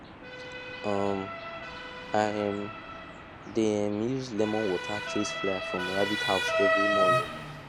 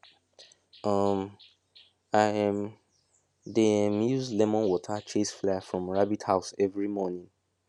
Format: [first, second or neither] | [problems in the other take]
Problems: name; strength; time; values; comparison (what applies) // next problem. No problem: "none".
second | background sound (Motor vehicle (road) / Siren); as loud as the speech